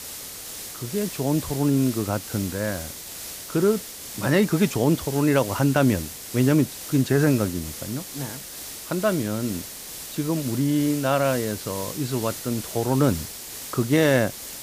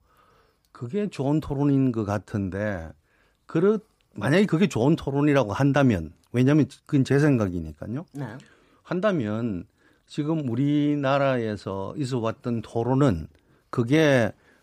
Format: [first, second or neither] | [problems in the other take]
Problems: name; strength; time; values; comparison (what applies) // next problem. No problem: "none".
second | hiss; loud; throughout; 10 dB below the speech